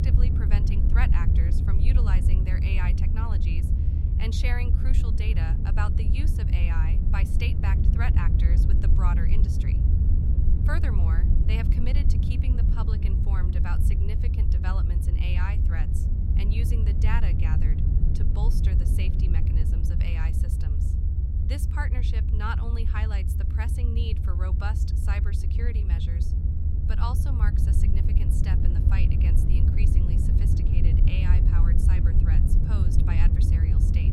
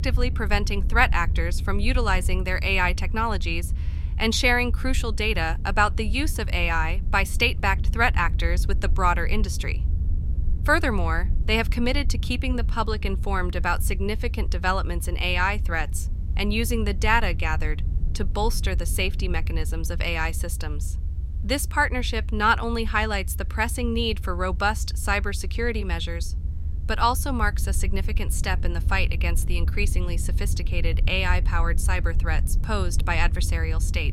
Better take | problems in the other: second | low rumble; loud; throughout; 2 dB below the speech; faint in the second

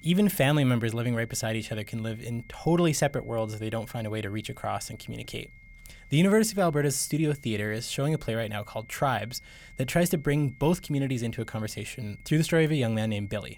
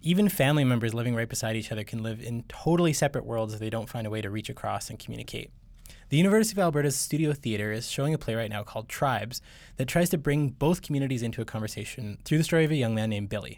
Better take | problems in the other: second | high-pitched whine; faint; throughout; 2 kHz, 25 dB below the speech

